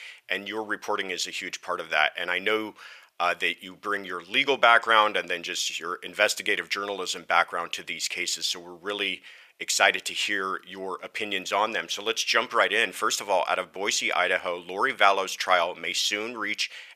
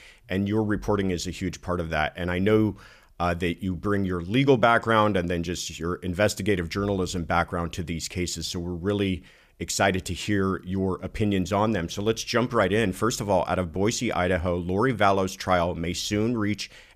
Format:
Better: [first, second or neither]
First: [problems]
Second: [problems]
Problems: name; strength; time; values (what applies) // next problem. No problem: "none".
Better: second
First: thin; very; fading below 650 Hz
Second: none